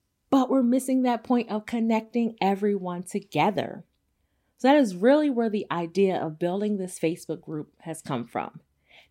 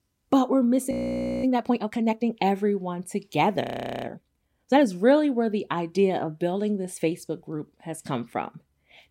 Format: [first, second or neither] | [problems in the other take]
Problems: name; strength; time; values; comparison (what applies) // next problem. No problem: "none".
first | audio freezing; at 1 s for 0.5 s and at 3.5 s